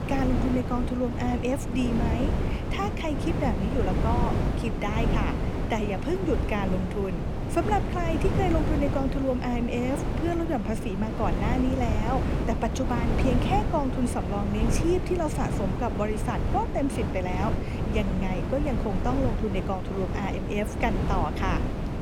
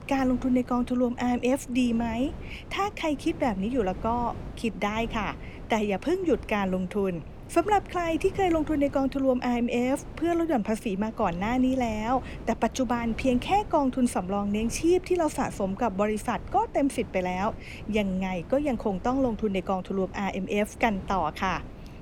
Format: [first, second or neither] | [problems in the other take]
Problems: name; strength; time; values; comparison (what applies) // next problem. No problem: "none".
second | wind noise on the microphone; heavy; 4 dB below the speech; occasional gusts in the second